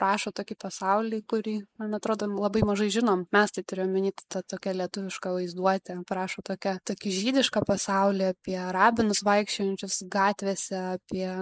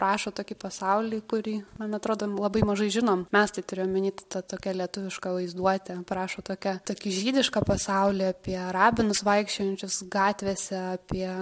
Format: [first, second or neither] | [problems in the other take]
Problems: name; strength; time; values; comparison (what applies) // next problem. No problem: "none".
second | noise reduction (neural mask model Resemble Enhance denoiser)